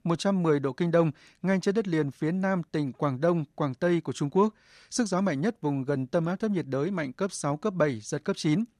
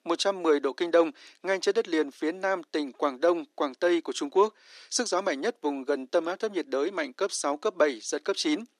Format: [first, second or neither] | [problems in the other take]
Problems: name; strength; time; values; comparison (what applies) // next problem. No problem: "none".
first | thin; somewhat; fading below 300 Hz